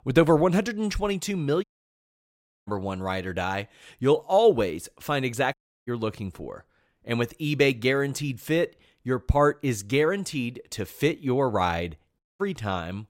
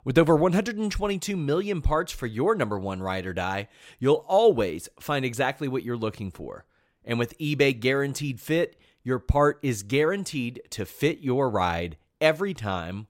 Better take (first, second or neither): second